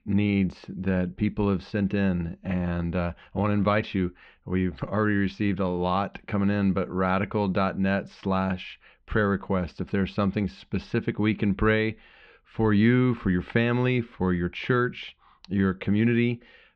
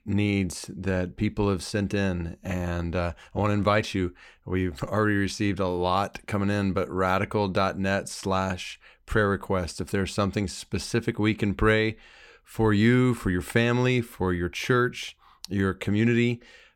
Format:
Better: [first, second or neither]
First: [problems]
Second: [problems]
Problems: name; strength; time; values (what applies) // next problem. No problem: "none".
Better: second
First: muffled; slightly; fading above 3.5 kHz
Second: none